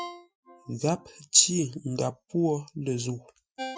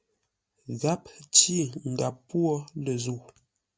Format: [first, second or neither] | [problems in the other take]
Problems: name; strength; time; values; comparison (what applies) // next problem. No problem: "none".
second | noise reduction (classical method Wiener filter)